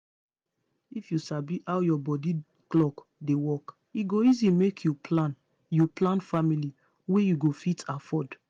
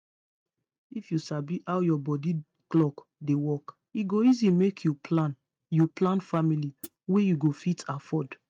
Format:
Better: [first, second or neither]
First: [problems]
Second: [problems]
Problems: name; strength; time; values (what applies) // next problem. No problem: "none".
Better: first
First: none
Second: noise reduction (neural mask model RNNoise)